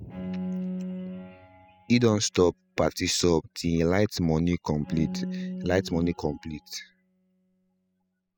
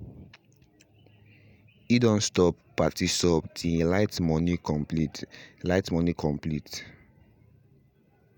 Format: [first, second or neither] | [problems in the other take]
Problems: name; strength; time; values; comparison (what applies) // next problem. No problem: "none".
second | noise reduction (classical method spectral subtraction)